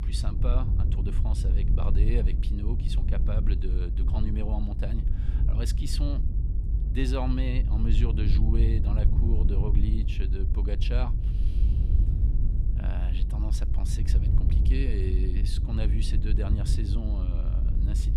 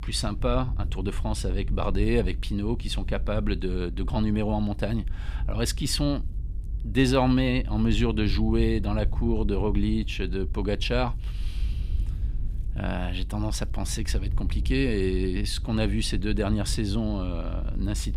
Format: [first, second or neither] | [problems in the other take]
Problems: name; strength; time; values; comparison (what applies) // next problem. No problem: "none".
second | low rumble; loud; throughout; 4 dB below the speech; faint in the second